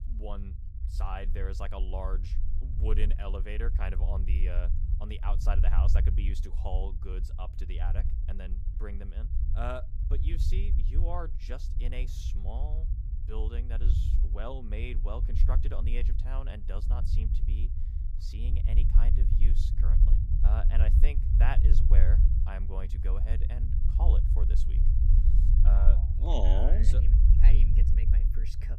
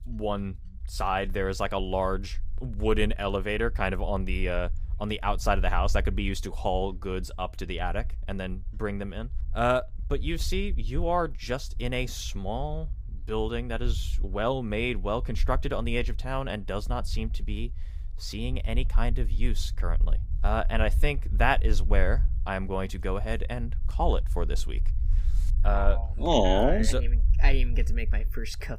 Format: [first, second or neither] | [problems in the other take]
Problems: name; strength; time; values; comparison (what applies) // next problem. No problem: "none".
second | low rumble; loud; throughout; 6 dB below the speech; faint in the second